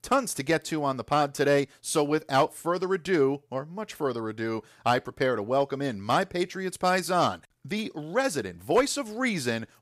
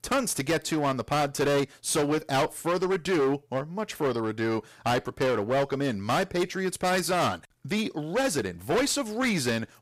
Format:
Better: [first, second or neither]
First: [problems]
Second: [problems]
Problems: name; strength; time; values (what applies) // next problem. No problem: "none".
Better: first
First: none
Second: distortion; heavy; 15% of the sound clipped